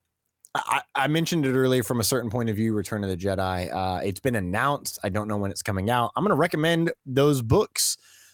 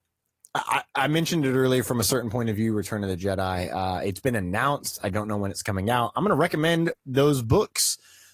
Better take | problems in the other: first | garbled, watery; slightly; nothing above 15 kHz

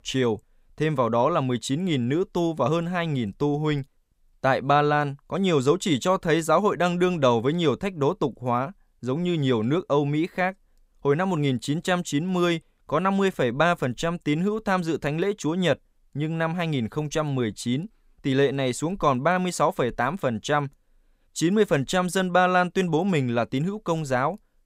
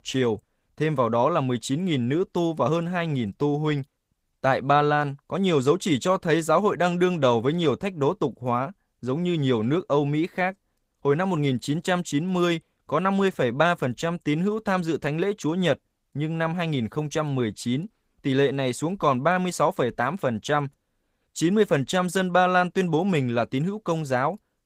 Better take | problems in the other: first | garbled, watery; slightly; nothing above 15.5 kHz

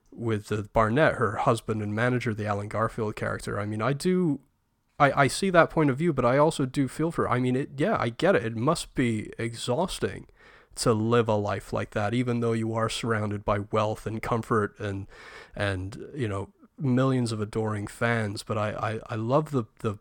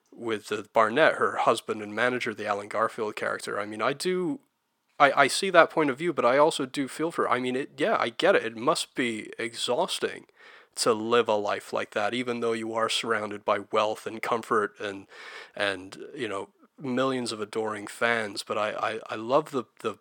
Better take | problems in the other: first | thin; somewhat; fading below 350 Hz

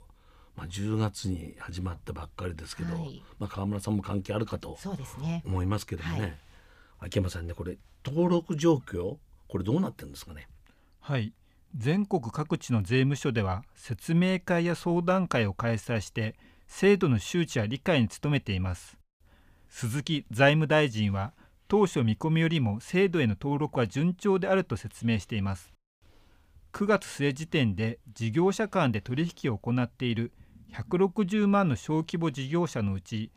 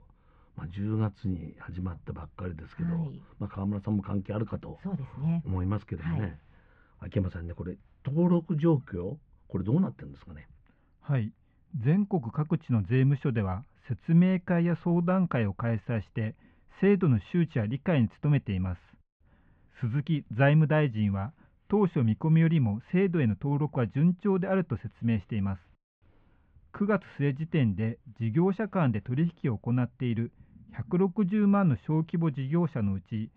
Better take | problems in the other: first | muffled; very; fading above 2.5 kHz

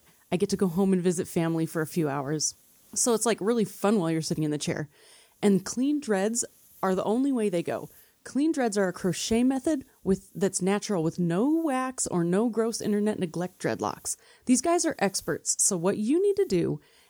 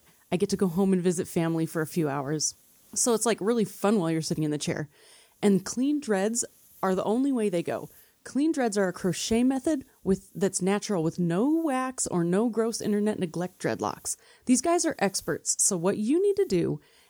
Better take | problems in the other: neither | hiss; faint; throughout; 30 dB below the speech; the same in both

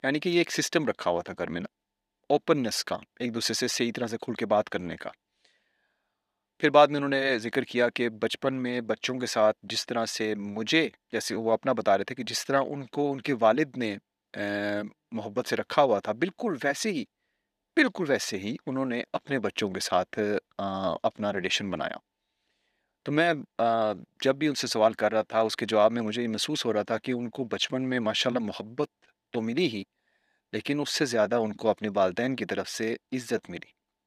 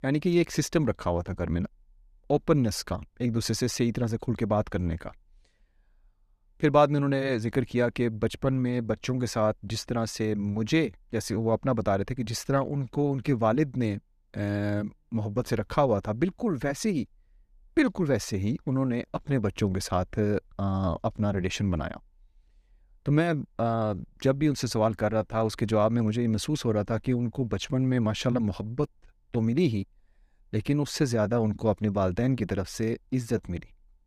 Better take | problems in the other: second | thin; somewhat; fading below 250 Hz

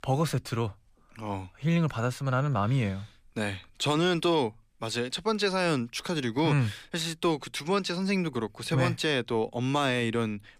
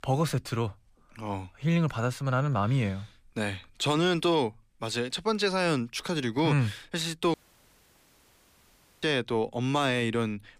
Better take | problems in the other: first | audio cutting out; at 7.5 s for 1.5 s

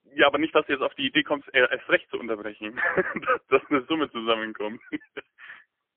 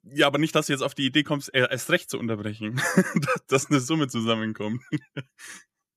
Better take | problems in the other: second | phone-call audio; poor line; nothing above 3.5 kHz

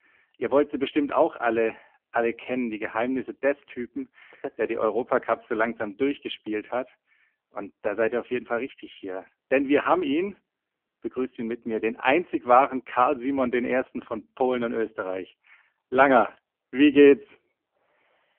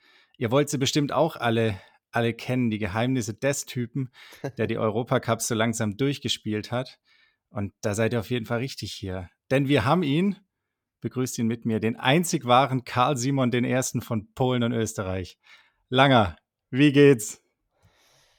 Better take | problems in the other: second | phone-call audio; poor line; nothing above 3 kHz

